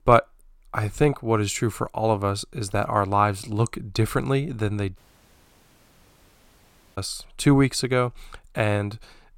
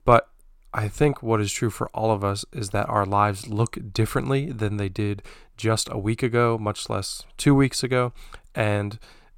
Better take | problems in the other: second | audio cutting out; at 5 s for 2 s

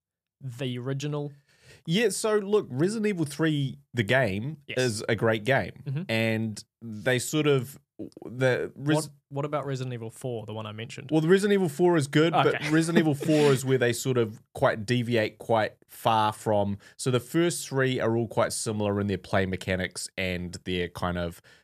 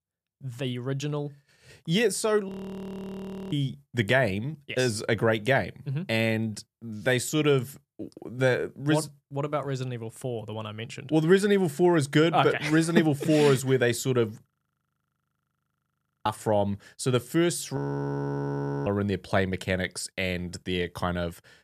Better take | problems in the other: first | audio freezing; at 2.5 s for 1 s, at 14 s for 2 s and at 18 s for 1 s

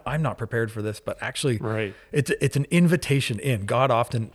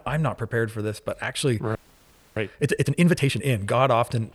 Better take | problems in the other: first | audio freezing; at 2 s for 0.5 s

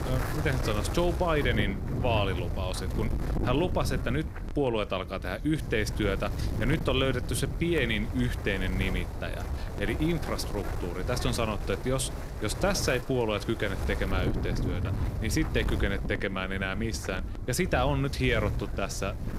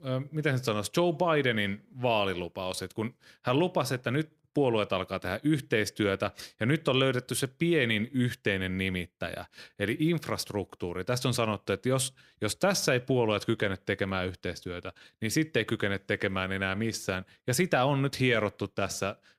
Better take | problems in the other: second | wind noise on the microphone; heavy; 10 dB below the speech

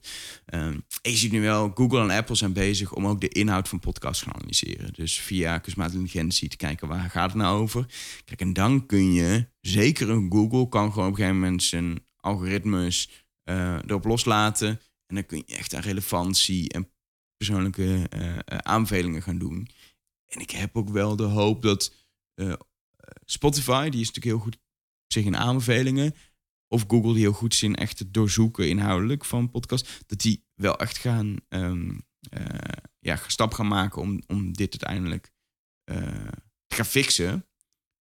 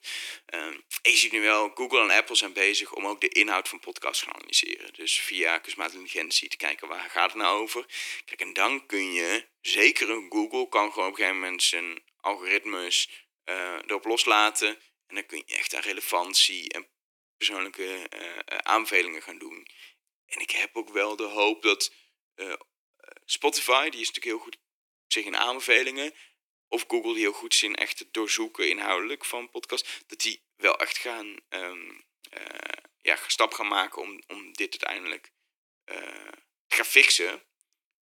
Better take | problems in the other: first | thin; very; fading below 350 Hz

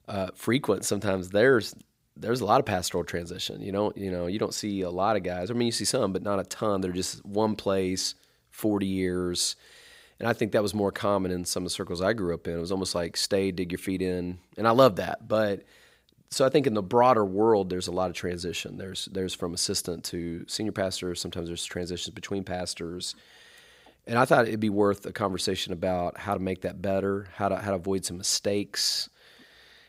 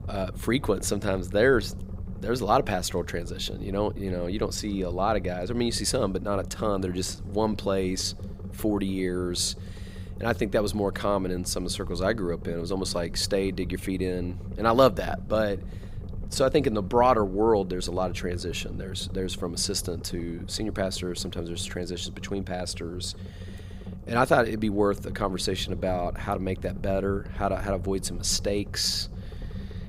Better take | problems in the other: first | low rumble; faint; throughout; 20 dB below the speech

